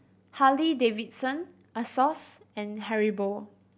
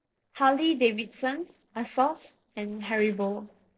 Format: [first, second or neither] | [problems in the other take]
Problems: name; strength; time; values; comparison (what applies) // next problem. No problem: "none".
first | noise reduction (neural separator model SepFormer DNS4)